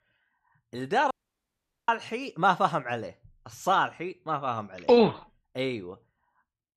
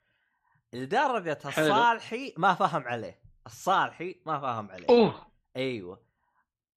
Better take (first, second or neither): second